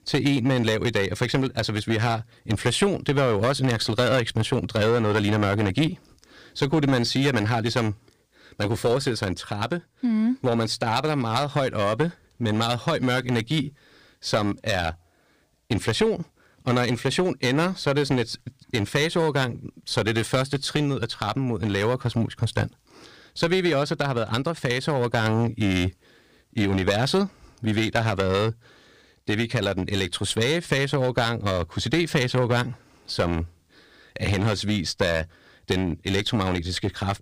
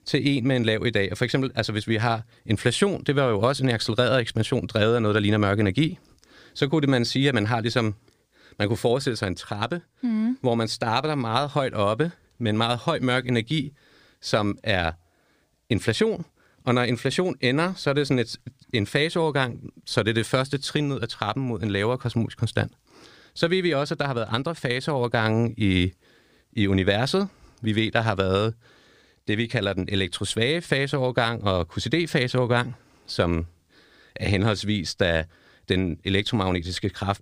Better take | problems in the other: second | distortion; slight; 5% of the sound clipped

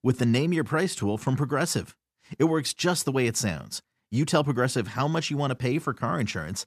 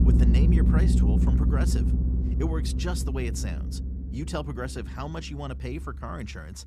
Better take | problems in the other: first | low rumble; loud; throughout; 1 dB below the speech

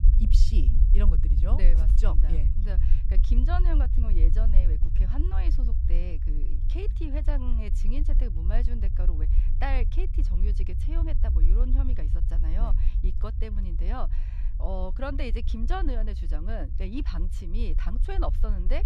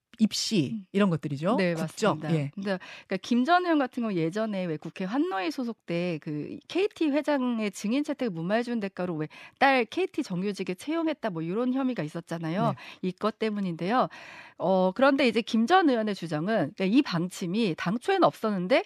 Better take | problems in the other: second | low rumble; loud; throughout; 8 dB below the speech

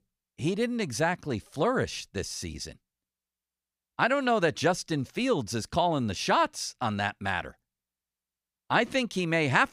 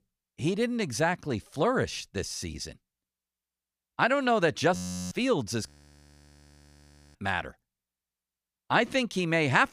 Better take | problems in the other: first | audio freezing; at 5 s and at 5.5 s for 1.5 s

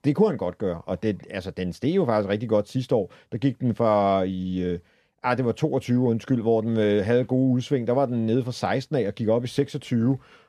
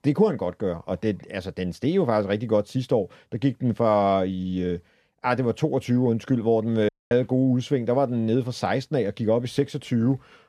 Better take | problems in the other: first | audio cutting out; at 7 s

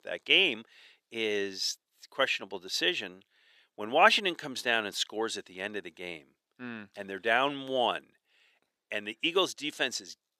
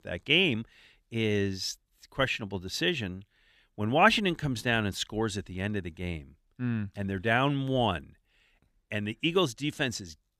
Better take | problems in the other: second | thin; somewhat; fading below 450 Hz

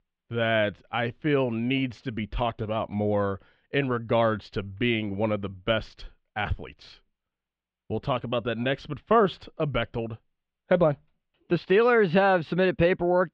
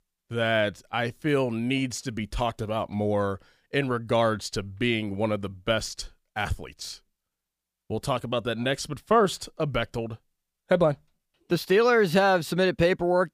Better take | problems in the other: second | muffled; slightly; fading above 3 kHz

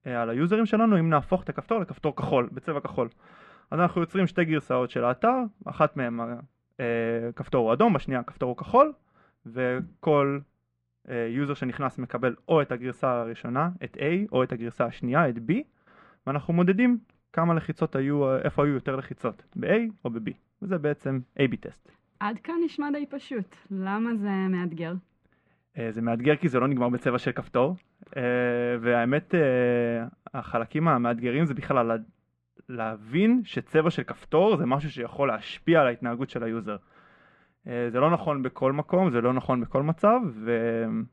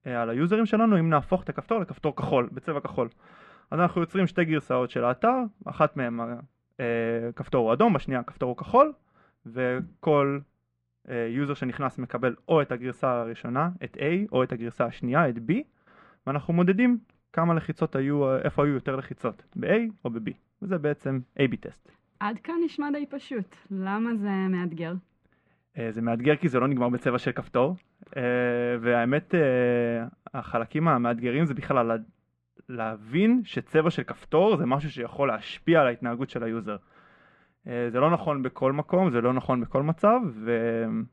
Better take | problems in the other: neither | muffled; very; fading above 2 kHz; the same in both

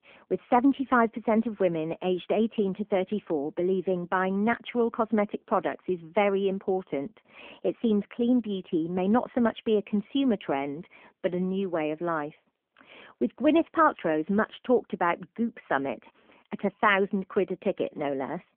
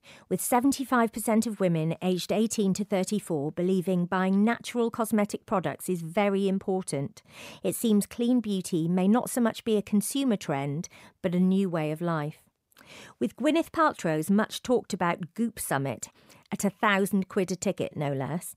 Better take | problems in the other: second | phone-call audio; nothing above 3.5 kHz

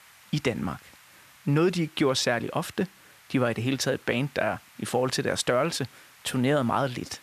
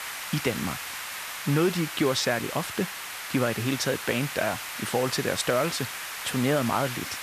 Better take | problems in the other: first | hiss; loud; throughout; 6 dB below the speech; faint in the first

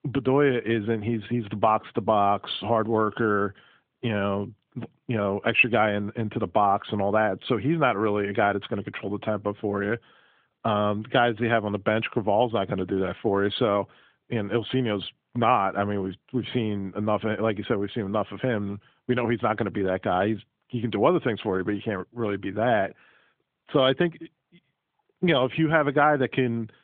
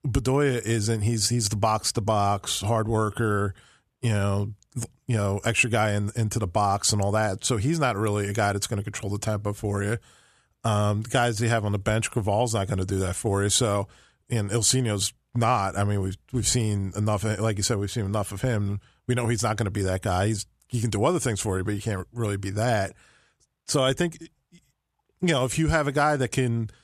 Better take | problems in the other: second | phone-call audio; nothing above 3 kHz

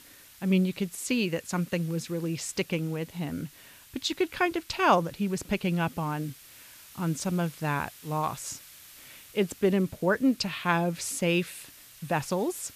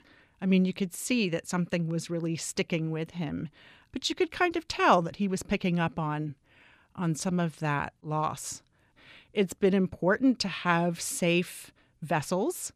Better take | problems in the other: second | hiss; faint; throughout; 20 dB below the speech

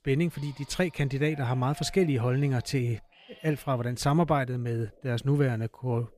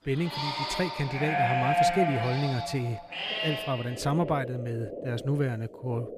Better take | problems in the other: first | animal sounds; loud; throughout; as loud as the speech; faint in the first

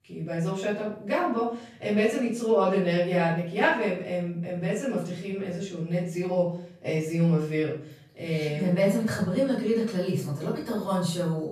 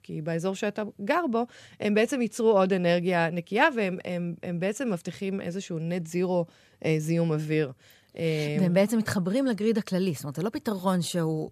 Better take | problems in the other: second | off-mic speech; far // room echo; noticeable; dies away in 0.5 s

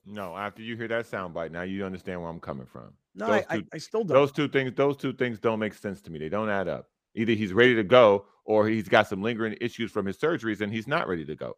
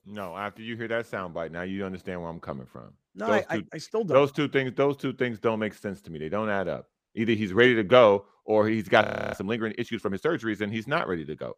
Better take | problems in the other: first | audio freezing; at 9 s

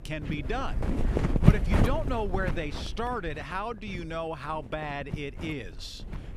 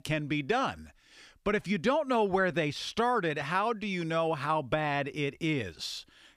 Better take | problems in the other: second | wind noise on the microphone; heavy; 3 dB below the speech

